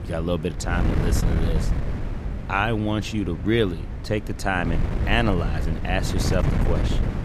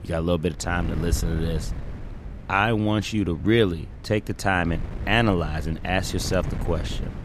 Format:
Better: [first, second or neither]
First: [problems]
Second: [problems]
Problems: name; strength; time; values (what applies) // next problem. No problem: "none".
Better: second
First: wind noise on the microphone; heavy; 8 dB below the speech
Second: wind noise on the microphone; occasional gusts; 20 dB below the speech